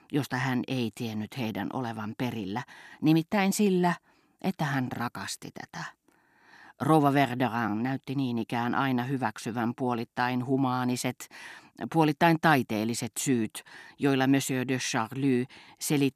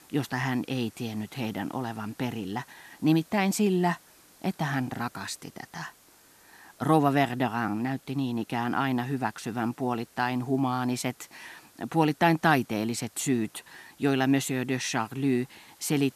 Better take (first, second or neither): first